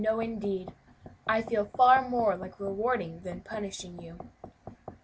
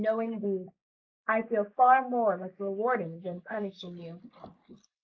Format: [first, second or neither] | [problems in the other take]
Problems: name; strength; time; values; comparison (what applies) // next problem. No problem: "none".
first | noise reduction (neural mask model Resemble Enhance denoiser)